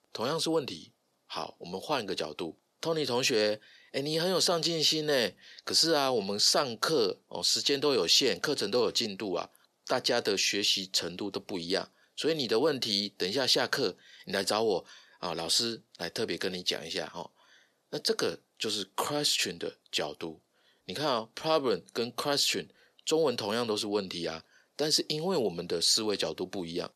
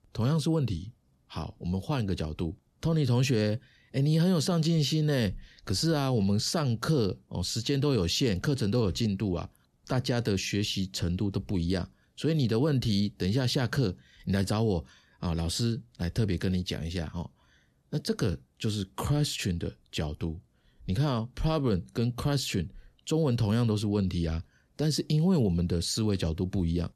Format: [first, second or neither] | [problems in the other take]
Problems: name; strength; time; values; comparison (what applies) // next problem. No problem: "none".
second | thin; very; fading below 500 Hz